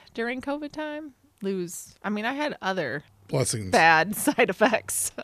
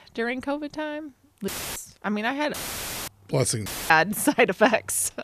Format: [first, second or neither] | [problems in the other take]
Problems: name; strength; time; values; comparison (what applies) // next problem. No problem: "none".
first | audio cutting out; filled with static; at 1.5 s, at 2.5 s for 0.5 s and at 3.5 s